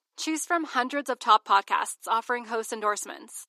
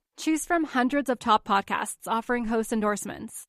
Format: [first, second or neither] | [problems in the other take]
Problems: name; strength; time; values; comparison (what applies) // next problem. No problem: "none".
second | thin; somewhat; fading below 300 Hz